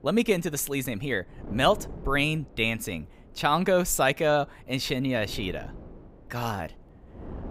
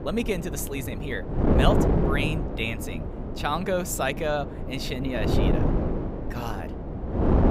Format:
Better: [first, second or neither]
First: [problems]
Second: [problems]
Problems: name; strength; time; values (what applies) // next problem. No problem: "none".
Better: first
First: wind noise on the microphone; occasional gusts; 25 dB below the speech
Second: wind noise on the microphone; heavy; 3 dB below the speech